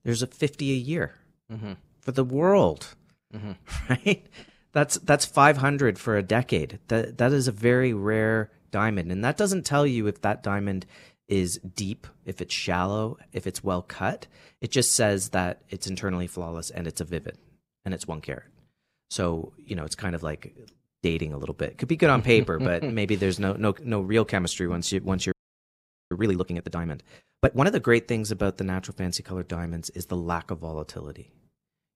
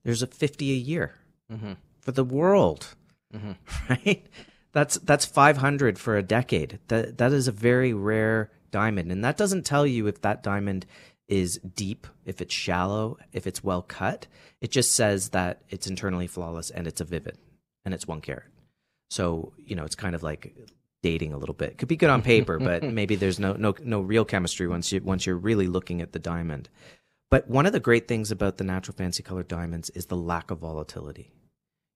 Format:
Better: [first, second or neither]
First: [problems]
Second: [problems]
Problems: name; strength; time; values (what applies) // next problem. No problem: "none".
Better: second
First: audio freezing; at 25 s for 1 s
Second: none